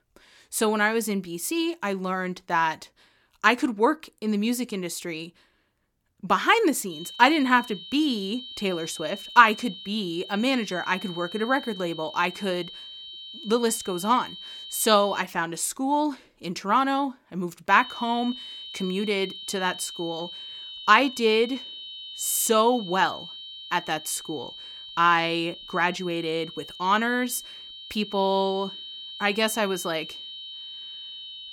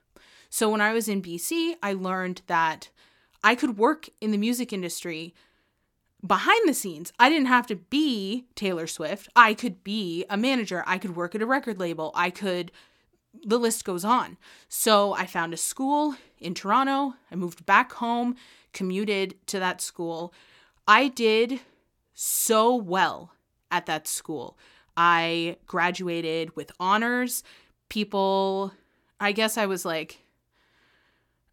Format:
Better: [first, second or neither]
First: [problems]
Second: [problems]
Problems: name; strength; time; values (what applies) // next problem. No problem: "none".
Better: second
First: high-pitched whine; noticeable; from 7 to 15 s and from 18 s on; 3 kHz, 15 dB below the speech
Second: none